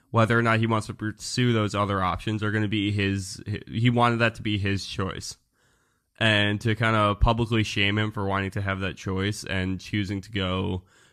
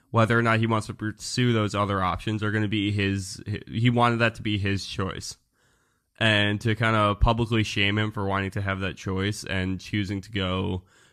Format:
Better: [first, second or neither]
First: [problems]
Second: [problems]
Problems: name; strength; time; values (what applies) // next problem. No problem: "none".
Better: neither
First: none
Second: none